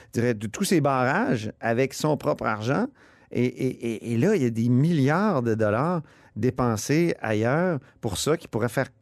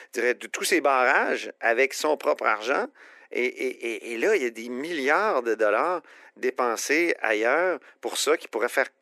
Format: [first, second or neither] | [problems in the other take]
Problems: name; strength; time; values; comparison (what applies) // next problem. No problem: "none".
first | thin; very; fading below 350 Hz